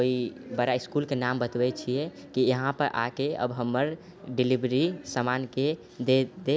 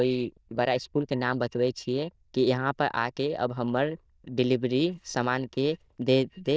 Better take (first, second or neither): first